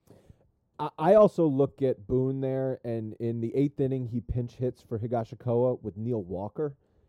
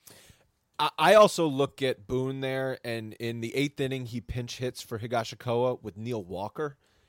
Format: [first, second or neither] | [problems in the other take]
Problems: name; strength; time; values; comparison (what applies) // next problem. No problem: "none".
second | muffled; very; fading above 1 kHz